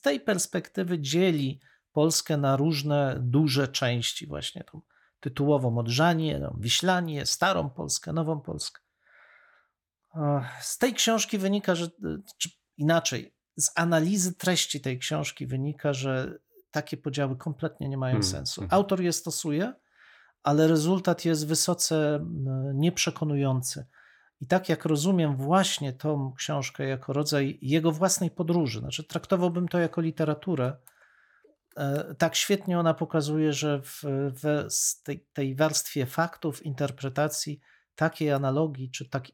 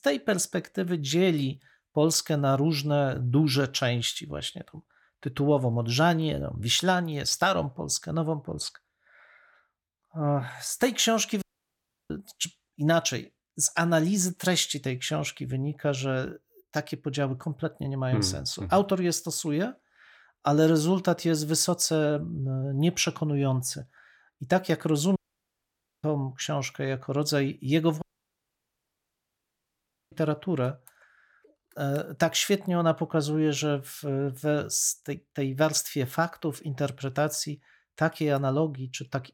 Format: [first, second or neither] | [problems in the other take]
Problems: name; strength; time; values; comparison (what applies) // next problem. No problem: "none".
first | audio cutting out; at 11 s for 0.5 s, at 25 s for 1 s and at 28 s for 2 s